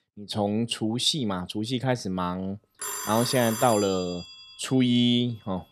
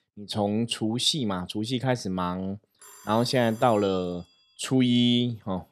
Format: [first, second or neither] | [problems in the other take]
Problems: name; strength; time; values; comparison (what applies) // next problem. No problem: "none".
second | alarms or sirens; loud; from 1.5 s on; 8 dB below the speech; faint in the second